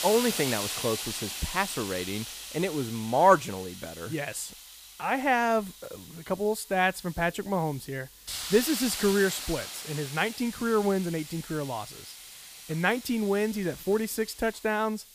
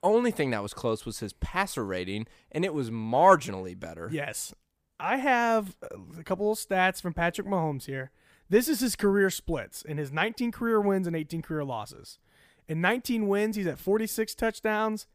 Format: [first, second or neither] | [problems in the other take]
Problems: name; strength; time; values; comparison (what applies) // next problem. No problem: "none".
second | hiss; loud; throughout; 9 dB below the speech